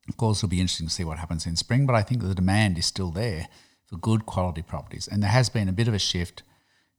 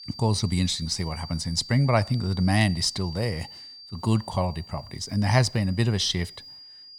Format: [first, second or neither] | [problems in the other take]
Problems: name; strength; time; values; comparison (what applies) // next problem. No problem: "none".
first | high-pitched whine; noticeable; throughout; 4.5 kHz, 15 dB below the speech